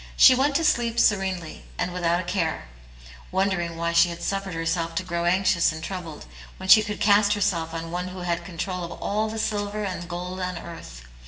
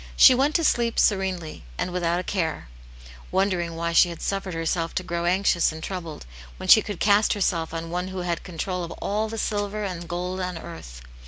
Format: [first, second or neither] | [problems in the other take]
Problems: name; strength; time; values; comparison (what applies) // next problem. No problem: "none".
second | room echo; dies away in 0.9 s